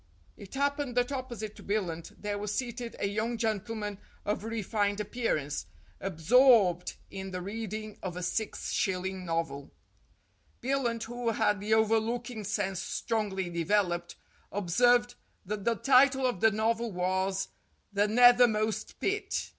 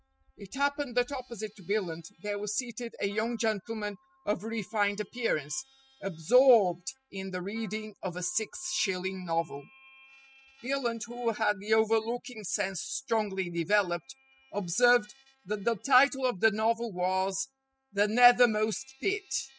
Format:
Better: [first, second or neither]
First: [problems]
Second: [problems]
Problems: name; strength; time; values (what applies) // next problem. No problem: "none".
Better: first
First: none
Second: noise reduction (classical method spectral subtraction)